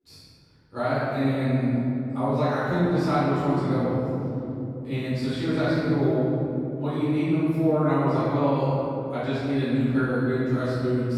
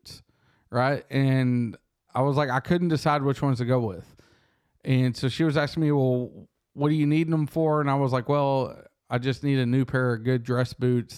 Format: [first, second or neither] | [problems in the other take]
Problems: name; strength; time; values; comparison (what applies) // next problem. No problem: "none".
second | room echo; strong; dies away in 3 s // off-mic speech; far